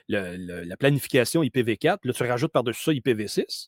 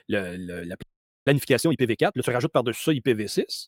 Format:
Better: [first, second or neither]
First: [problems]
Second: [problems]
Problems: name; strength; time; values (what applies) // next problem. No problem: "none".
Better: first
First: none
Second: audio freezing; at 1 s